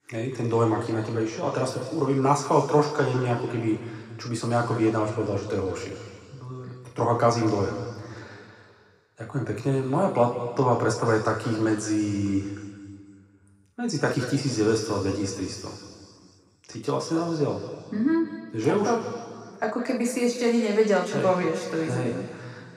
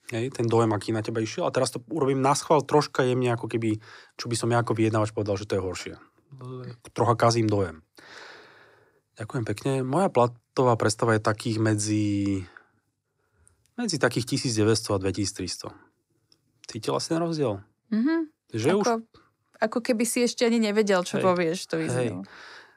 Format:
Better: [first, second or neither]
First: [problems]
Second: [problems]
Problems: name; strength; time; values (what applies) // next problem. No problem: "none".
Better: second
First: room echo; noticeable; dies away in 2.2 s // off-mic speech; far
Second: none